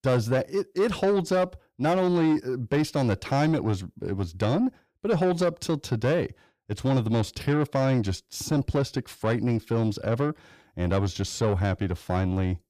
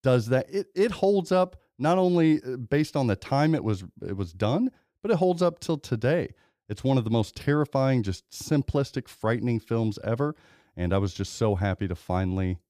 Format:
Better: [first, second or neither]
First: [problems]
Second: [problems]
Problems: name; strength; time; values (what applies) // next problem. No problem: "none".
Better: second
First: distortion; slight; 10 dB below the speech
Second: none